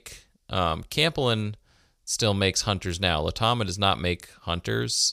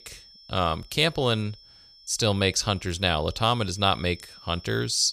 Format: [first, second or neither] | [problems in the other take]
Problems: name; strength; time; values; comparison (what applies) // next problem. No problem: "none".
first | high-pitched whine; faint; throughout; 5.5 kHz, 25 dB below the speech